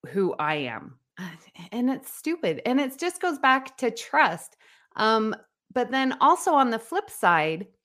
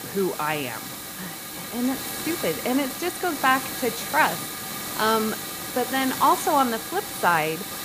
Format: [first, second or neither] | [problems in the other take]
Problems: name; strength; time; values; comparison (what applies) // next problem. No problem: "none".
first | hiss; loud; throughout; 6 dB below the speech